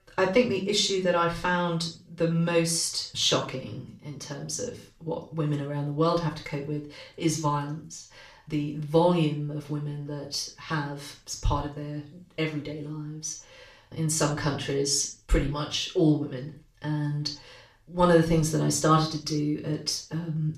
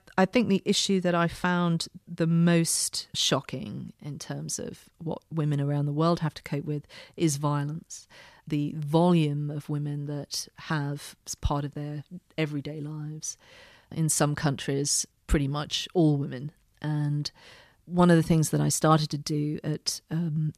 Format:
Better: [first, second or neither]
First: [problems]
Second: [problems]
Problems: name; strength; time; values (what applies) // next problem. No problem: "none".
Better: second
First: room echo; slight; dies away in 0.3 s // off-mic speech; far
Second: none